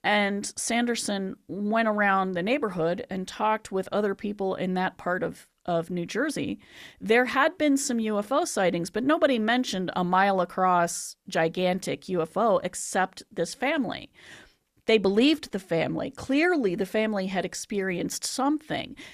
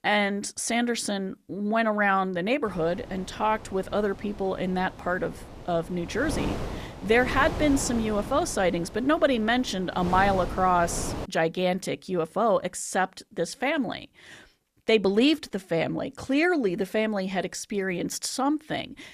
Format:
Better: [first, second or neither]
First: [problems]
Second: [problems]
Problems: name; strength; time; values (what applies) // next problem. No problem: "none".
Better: first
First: none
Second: wind noise on the microphone; occasional gusts; from 2.5 to 11 s; 15 dB below the speech